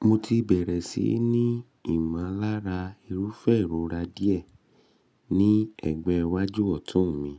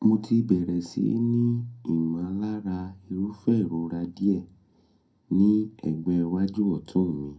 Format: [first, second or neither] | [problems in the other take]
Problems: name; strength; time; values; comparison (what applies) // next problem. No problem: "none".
first | room echo; dies away in 0.2 s